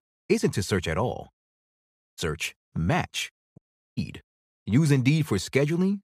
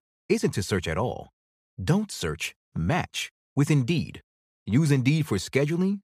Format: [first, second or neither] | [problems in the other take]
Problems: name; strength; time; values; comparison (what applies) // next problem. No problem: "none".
second | audio cutting out; at 1.5 s for 0.5 s and at 3.5 s